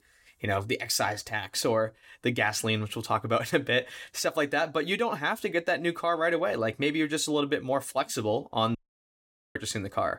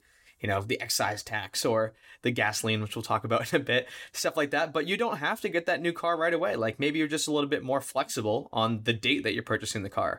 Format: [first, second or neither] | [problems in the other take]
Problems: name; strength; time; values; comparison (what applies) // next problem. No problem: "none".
second | audio cutting out; at 9 s for 1 s